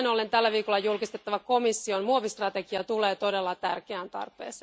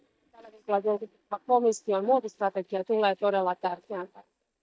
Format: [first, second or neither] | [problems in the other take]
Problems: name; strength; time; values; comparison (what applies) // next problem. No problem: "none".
first | noise reduction (neural mask model DeepFilterNet 3)